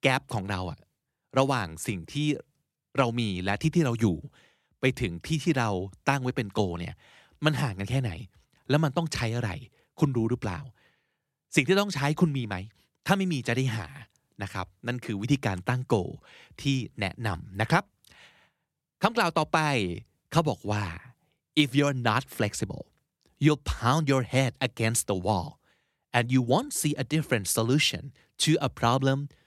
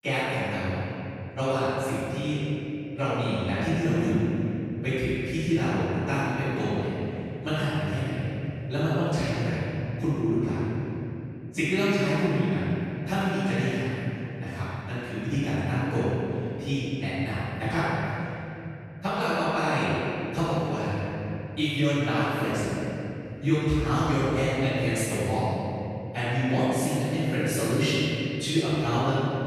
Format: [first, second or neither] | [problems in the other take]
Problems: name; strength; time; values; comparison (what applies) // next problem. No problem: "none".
first | off-mic speech; far // room echo; strong; dies away in 3 s